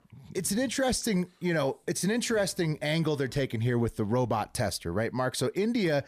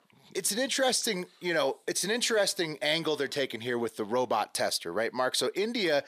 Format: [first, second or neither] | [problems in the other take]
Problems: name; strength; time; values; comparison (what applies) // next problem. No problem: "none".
first | thin; somewhat; fading below 350 Hz